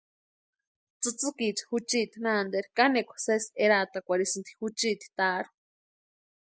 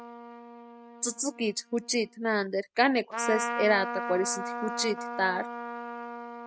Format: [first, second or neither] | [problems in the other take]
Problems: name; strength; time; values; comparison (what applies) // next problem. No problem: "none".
first | noise reduction (neural mask model RNNoise)